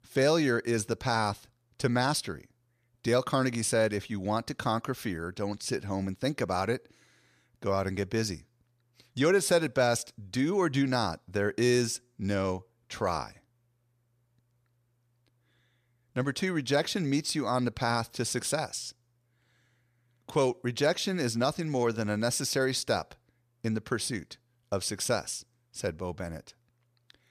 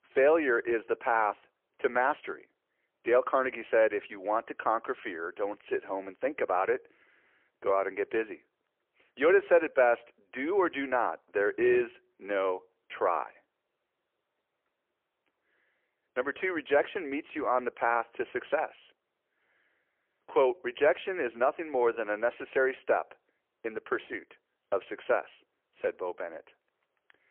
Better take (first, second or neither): first